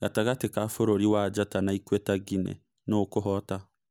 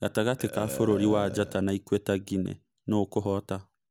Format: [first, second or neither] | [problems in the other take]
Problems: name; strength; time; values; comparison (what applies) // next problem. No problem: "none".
first | background sound (Burping, eructation); 13 dB below the speech